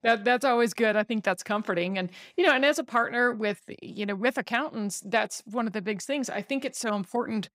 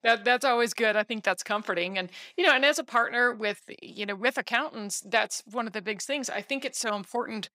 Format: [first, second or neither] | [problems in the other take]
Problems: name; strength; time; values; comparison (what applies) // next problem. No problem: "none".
first | thin; very slightly; fading below 950 Hz